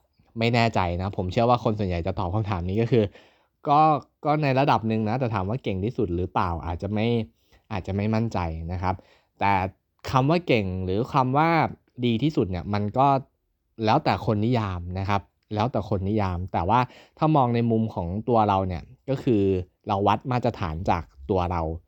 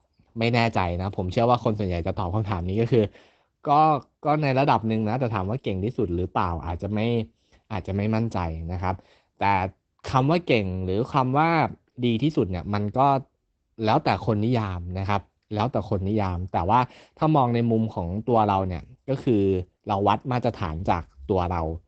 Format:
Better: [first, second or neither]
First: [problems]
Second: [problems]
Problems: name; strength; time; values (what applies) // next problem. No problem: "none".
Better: first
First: none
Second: garbled, watery; badly; nothing above 8 kHz